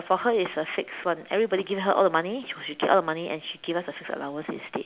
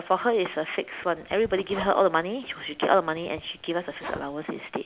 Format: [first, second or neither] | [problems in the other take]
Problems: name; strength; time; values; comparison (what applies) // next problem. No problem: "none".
first | background sound (Zipper (clothing)); 18 dB below the speech